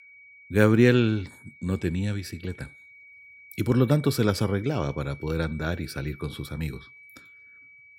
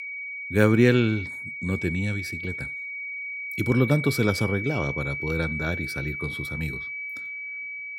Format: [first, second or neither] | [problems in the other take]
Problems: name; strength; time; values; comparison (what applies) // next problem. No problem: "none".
first | high-pitched whine; loud; throughout; 2.5 kHz, 6 dB below the speech; faint in the first